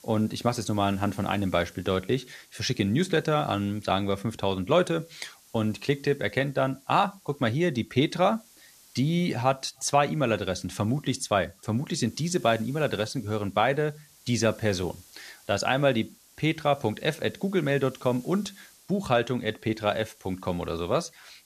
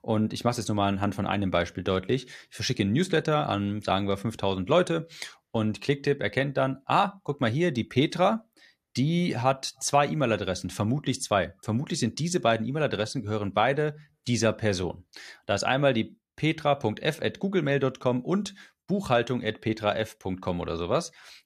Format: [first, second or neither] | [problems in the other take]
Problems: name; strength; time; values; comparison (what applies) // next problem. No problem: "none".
second | hiss; faint; throughout; 25 dB below the speech